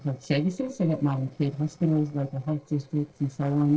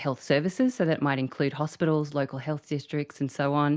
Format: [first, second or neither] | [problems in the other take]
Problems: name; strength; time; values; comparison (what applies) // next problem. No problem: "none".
second | noise reduction (neural separator model SepFormer DNS4)